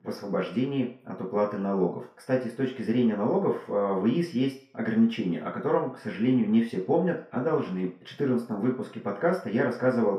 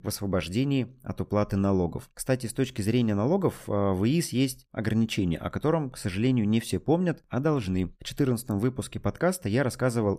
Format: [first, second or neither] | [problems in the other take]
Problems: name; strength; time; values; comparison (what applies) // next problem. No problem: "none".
second | room echo; slight; dies away in 0.5 s // off-mic speech; far